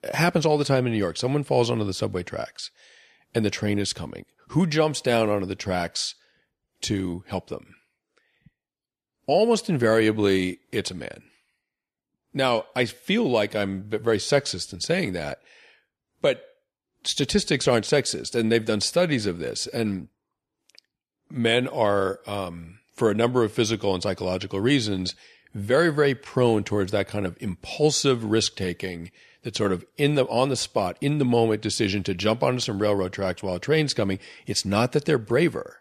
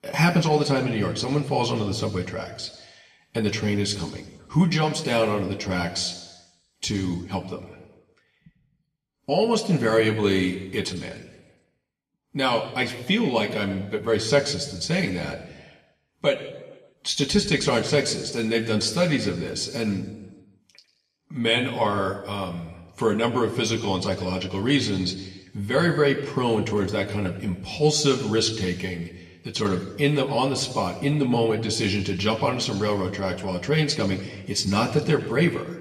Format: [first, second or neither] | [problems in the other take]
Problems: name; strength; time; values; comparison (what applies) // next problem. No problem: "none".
first | room echo; slight; dies away in 1 s